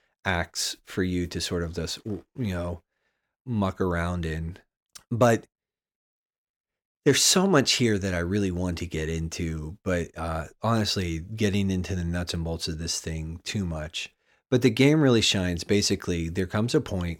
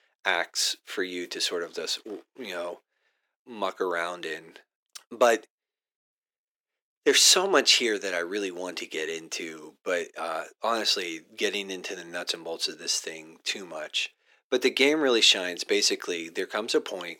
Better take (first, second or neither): first